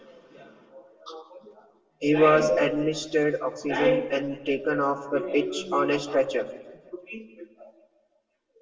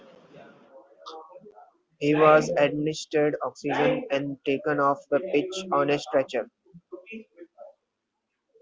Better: second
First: room echo; dies away in 0.9 s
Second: none

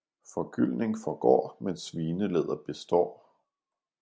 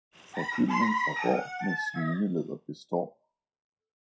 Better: first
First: none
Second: noise reduction (classical method WPE with log-MMSE)

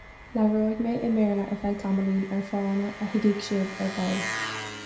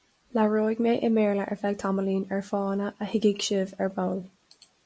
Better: second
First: background sound (Engine); 11 dB below the speech // room echo; dies away in 0.5 s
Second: none

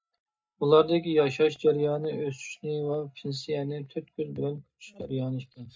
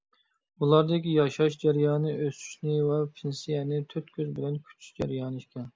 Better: second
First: noise reduction (neural mask model DeepFilterNet 3)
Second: none

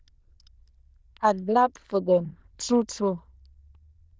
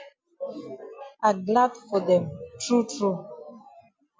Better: second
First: noise reduction (neural diffusion model UNIVERSE++)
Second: none

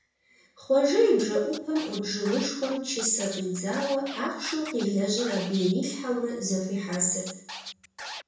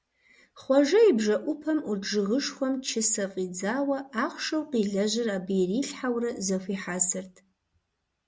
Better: second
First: background sound (Scratching (performance technique)); 15 dB below the speech // room echo; dies away in 0.6 s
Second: none

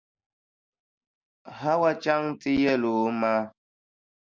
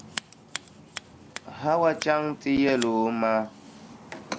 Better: first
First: none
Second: background sound (Scissors); 14 dB below the speech

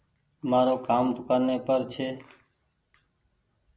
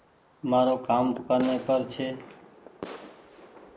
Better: first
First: none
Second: background sound (Fireworks); 16 dB below the speech

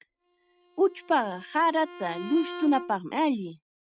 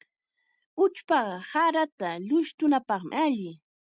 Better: second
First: noise reduction (neural mask model RNNoise)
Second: none

